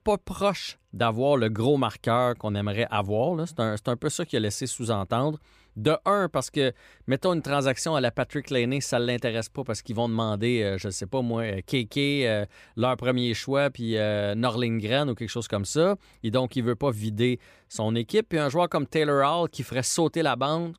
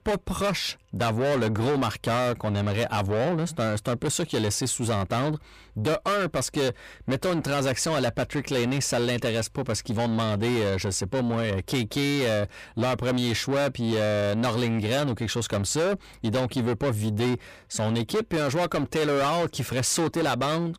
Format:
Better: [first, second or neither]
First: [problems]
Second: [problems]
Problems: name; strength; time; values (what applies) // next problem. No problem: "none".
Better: first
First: none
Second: distortion; heavy; 7 dB below the speech